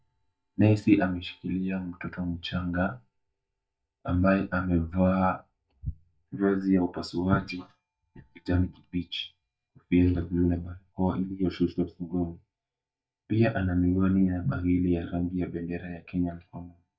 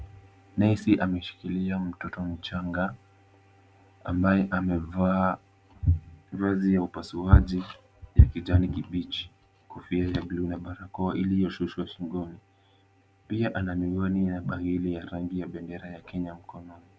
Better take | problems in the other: second | noise reduction (neural mask model DeepFilterNet 3)

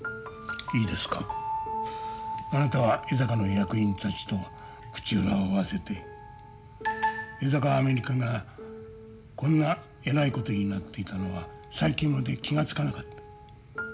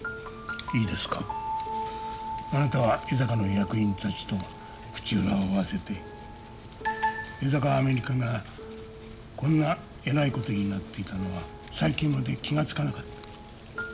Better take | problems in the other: first | background sound (Wind); 18 dB below the speech

